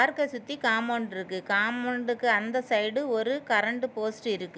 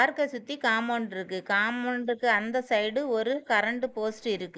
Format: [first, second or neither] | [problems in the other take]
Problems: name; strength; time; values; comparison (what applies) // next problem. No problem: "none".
first | noise reduction (neural mask model Resemble Enhance denoiser)